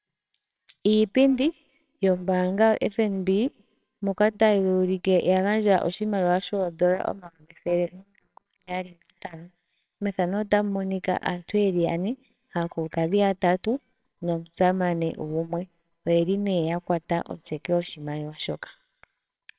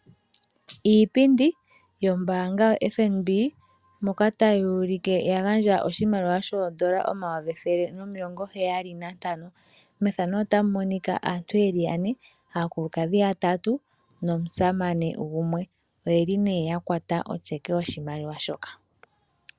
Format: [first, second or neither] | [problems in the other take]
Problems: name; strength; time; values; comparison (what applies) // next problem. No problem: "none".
second | noise reduction (neural separator model SepFormer WHAMR!)